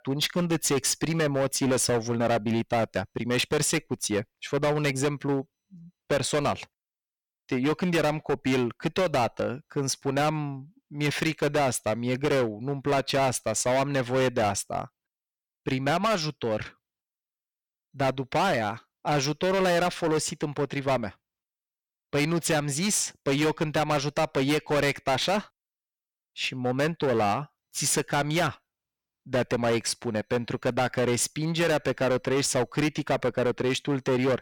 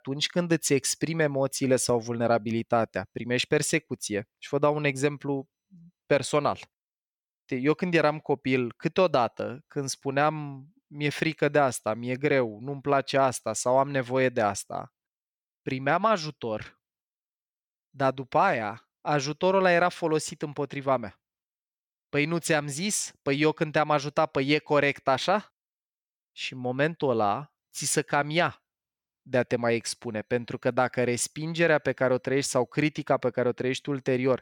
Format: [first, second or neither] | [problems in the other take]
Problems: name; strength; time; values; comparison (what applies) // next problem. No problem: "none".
second | distortion; heavy; 15% of the sound clipped